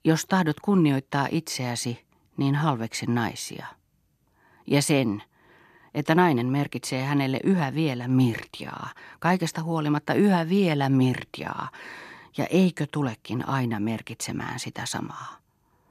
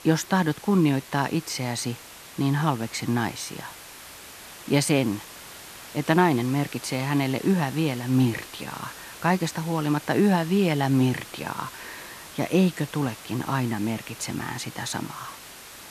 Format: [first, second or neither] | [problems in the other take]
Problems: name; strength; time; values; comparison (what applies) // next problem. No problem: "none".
first | hiss; noticeable; throughout; 15 dB below the speech